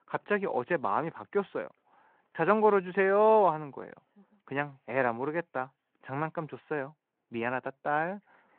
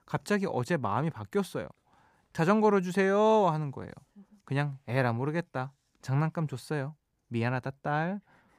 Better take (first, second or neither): second